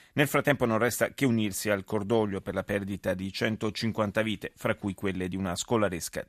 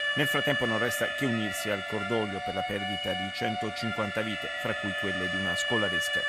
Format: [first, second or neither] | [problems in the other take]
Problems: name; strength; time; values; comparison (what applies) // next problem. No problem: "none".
first | alarm; loud; peak 6 dB above the speech